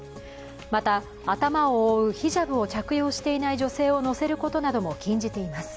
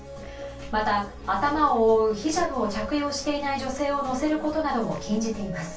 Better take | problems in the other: first | background sound (Guitar); 18 dB below the speech // room echo; dies away in 0.2 s

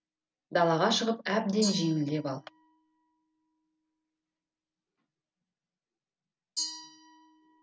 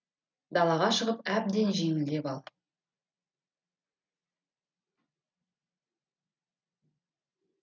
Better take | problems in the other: second | background sound (Glass); 12 dB below the speech

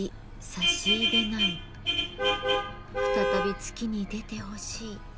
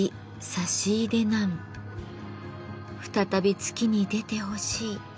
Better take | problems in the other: second | background sound (Vehicle horn, car horn, honking); 5 dB above the speech

